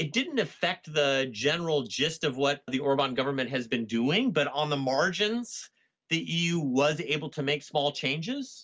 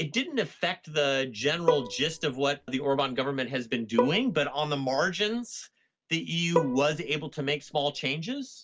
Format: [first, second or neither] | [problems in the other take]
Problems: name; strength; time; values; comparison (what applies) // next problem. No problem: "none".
first | background sound (Bowed string instrument); 5 dB below the speech